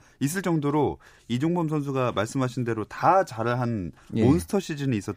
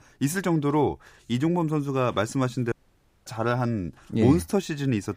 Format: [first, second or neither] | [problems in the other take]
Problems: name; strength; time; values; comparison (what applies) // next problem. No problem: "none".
first | audio cutting out; at 2.5 s for 0.5 s